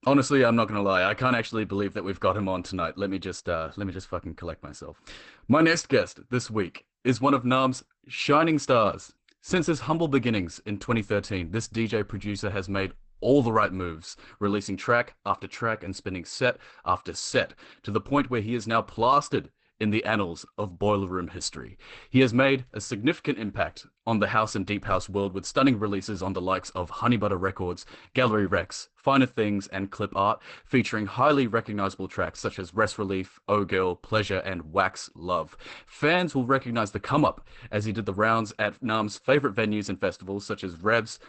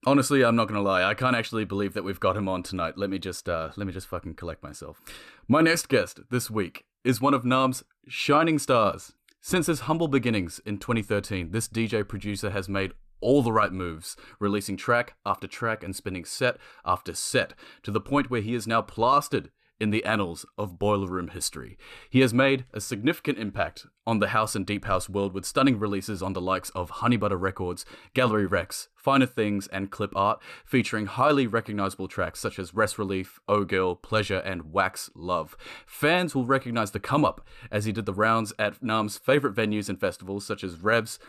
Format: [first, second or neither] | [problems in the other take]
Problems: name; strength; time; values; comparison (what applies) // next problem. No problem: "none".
second | garbled, watery; badly; nothing above 8 kHz